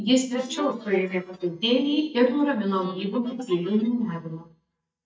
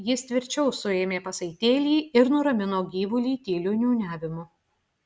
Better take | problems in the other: second | noise reduction (neural mask model DeepFilterNet 3)

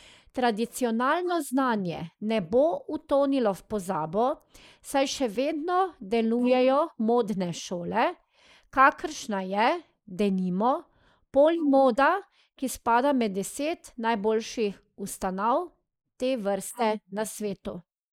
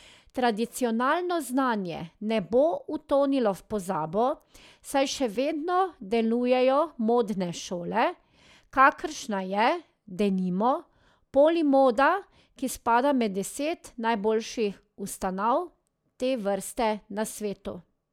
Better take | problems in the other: second | noise reduction (neural mask model Resemble Enhance denoiser)

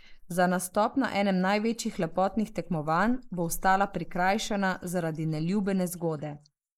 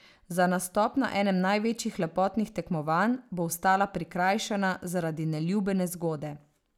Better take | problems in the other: second | noise reduction (neural mask model Resemble Enhance denoiser)

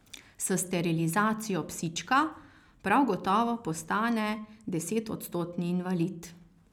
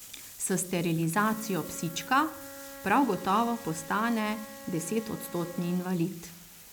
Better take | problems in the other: first | background sound (Wind instrument, woodwind instrument + Bathtub (filling or washing)); 15 dB below the speech

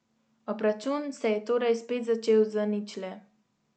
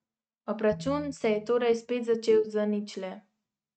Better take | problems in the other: first | noise reduction (neural mask model RNNoise)

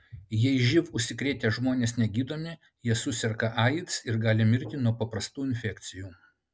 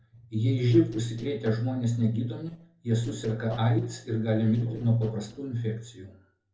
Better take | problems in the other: first | noise reduction (neural separator model SepFormer DNS4)

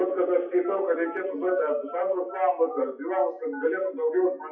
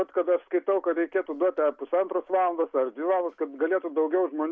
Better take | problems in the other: second | noise reduction (classical method WPE with log-MMSE)

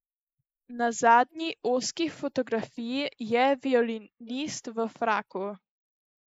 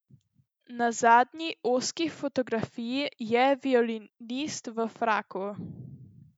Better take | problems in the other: second | noise reduction (neural mask model Resemble Enhance denoiser)

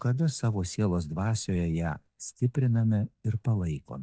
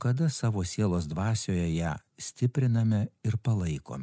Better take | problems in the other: second | noise reduction (neural mask model DeepFilterNet 3)

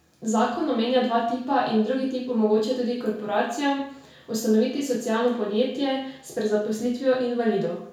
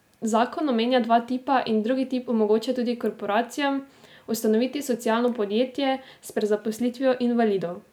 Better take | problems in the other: second | room echo; dies away in 0.5 s

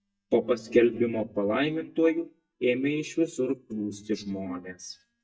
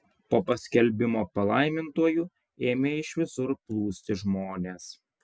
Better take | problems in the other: second | noise reduction (neural mask model DeepFilterNet 3)

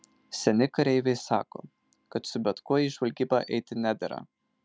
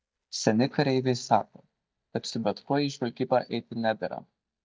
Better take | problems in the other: first | noise reduction (neural mask model DeepFilterNet 3)

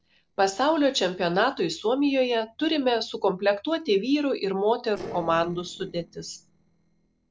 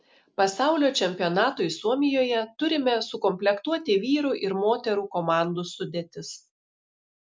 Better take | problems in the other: second | noise reduction (neural separator model SepFormer DNS4)

